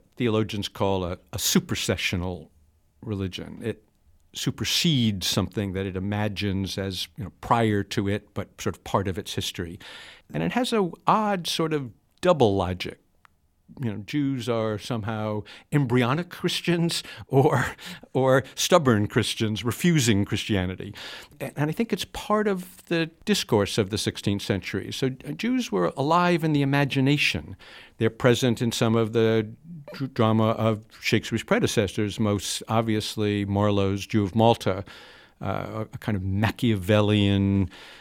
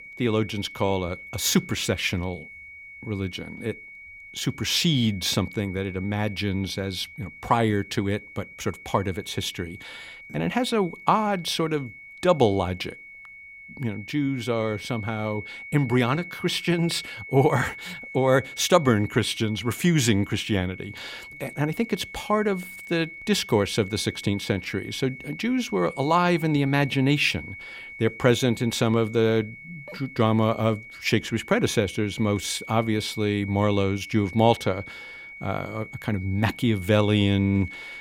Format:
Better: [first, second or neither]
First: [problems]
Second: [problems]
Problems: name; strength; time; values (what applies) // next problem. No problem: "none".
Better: first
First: none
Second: high-pitched whine; noticeable; throughout; 2 kHz, 15 dB below the speech